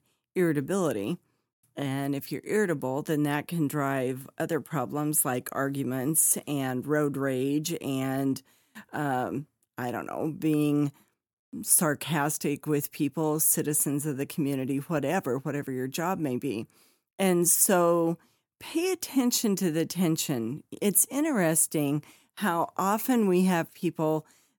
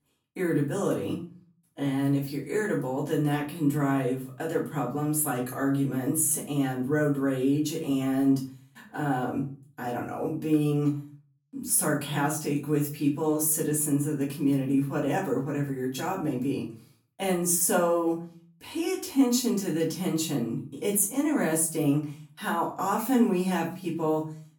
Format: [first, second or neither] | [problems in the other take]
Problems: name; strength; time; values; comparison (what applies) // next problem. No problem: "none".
first | off-mic speech; far // room echo; slight; dies away in 0.4 s